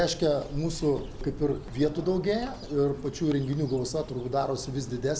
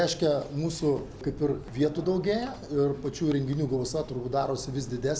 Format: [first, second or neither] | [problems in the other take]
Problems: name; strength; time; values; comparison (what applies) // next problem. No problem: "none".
second | background sound (Cricket / Bird); 15 dB below the speech